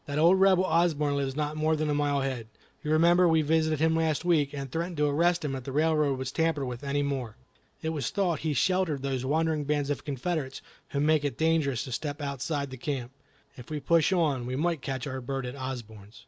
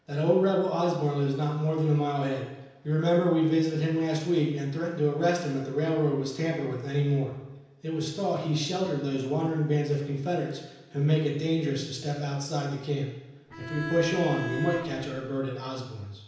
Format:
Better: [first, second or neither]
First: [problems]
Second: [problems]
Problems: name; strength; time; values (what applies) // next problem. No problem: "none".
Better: first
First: none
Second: background sound (Bowed string instrument); 8 dB below the speech // room echo; dies away in 0.9 s